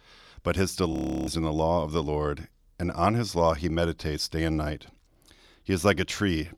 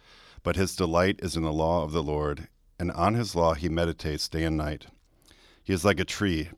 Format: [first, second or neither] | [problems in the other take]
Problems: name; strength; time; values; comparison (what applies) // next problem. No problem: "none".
second | audio freezing; at 1 s